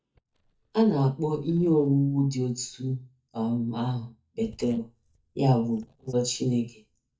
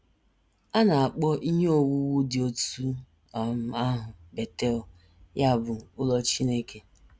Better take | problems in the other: second | noise reduction (neural mask model DeepFilterNet 3)

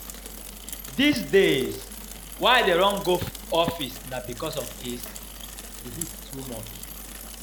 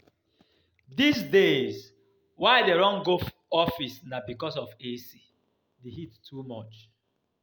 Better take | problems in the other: second | background sound (Mechanisms / Bicycle); 12 dB below the speech

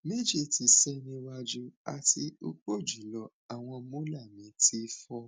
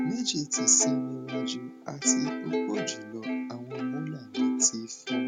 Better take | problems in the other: first | background sound (Plucked string instrument); as loud as the speech

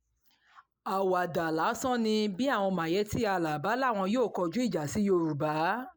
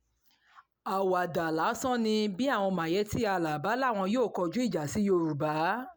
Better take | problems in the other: second | noise reduction (neural mask model Resemble Enhance denoiser)

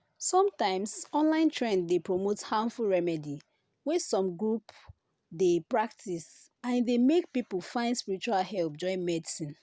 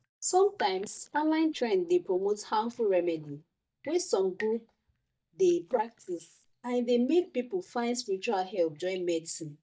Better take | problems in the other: first | noise reduction (neural mask model DeepFilterNet 3)

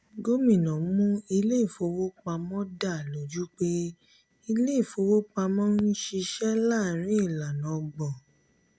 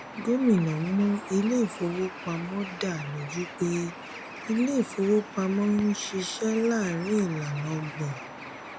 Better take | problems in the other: first | background sound (Bird); 13 dB below the speech

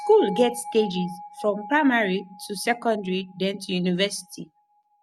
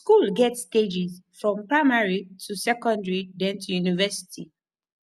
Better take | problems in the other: second | background sound (Bell); 15 dB below the speech

